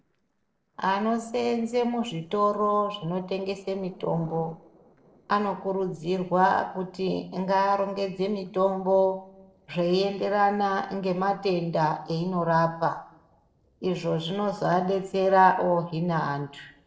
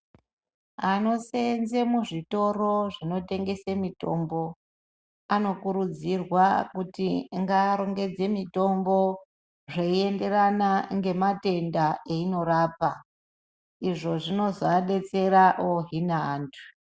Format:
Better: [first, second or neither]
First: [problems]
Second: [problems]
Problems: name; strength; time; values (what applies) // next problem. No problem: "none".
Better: second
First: noise reduction (neural separator model SepFormer DNS4)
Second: none